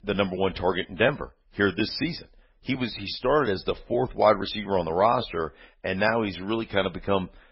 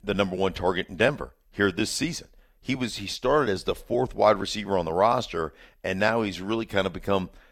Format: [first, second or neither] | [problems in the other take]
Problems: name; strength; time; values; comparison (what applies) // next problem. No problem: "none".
second | garbled, watery; badly; nothing above 5.5 kHz